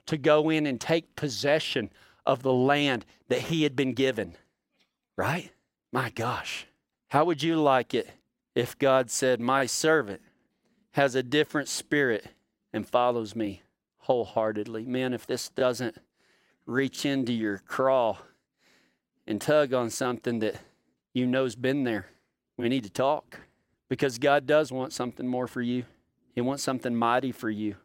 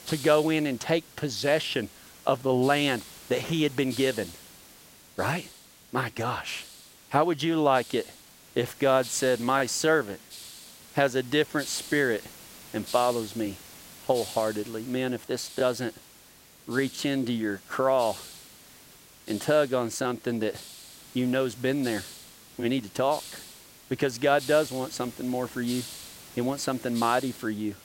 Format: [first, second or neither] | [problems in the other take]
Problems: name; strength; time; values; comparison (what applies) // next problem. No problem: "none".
first | hiss; noticeable; throughout; 15 dB below the speech